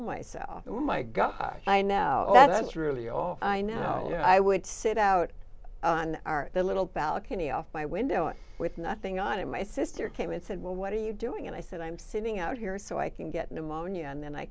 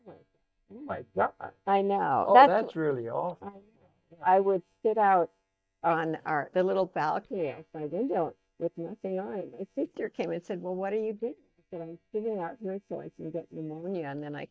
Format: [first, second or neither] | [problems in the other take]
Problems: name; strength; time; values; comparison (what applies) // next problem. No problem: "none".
first | noise reduction (neural mask model DeepFilterNet 3)